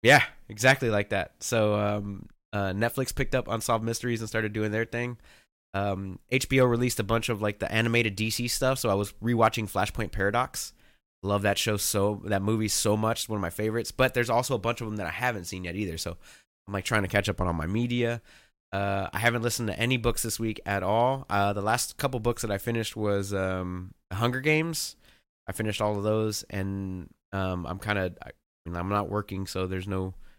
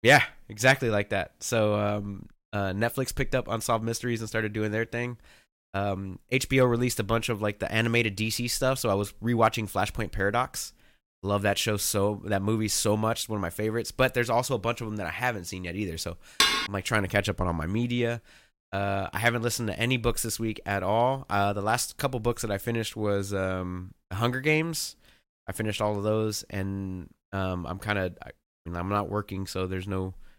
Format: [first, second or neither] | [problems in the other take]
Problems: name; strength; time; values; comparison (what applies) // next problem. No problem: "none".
first | clattering dishes; loud; at 16 s; peak 5 dB above the speech